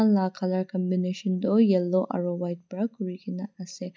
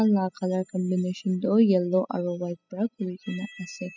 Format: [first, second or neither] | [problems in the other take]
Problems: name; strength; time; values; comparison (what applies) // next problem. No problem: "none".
first | noise reduction (classical method spectral subtraction)